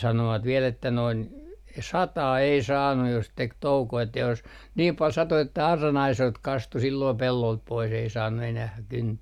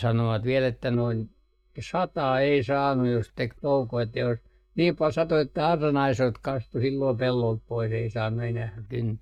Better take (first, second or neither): first